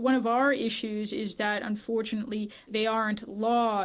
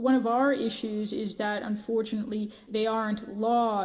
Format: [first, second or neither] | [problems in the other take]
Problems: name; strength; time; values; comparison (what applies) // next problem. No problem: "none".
first | room echo; dies away in 1.4 s